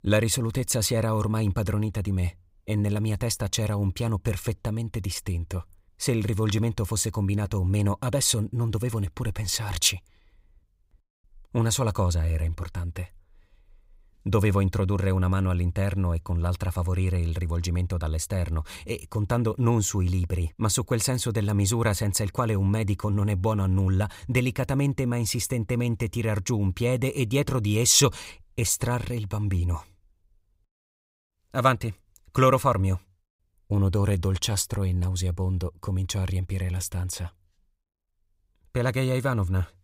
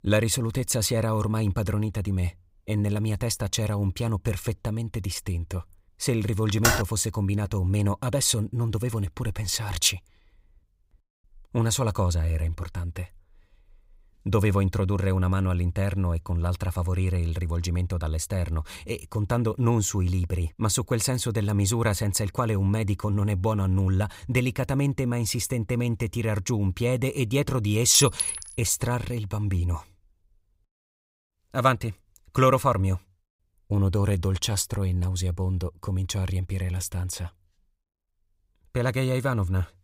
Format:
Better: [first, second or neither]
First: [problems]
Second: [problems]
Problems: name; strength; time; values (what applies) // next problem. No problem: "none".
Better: first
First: none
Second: keyboard typing; loud; at 6.5 s; peak 2 dB above the speech // clattering dishes; loud; at 28 s; peak level with the speech